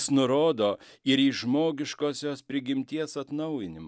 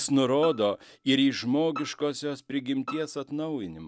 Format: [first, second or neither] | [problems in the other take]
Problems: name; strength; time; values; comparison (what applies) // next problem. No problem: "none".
first | background sound (Bowed string instrument); 17 dB below the speech